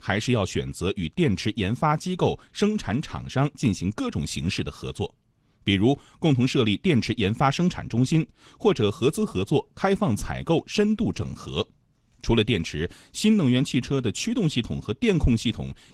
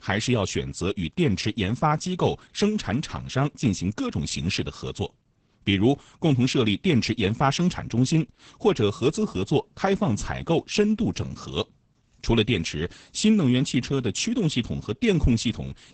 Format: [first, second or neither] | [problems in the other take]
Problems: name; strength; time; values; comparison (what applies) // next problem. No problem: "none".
first | garbled, watery; badly; nothing above 8 kHz; slightly in the first